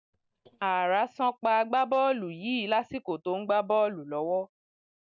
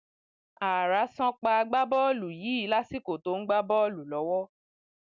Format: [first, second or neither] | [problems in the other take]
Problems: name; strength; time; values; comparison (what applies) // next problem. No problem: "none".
second | noise reduction (neural mask model DeepFilterNet 3)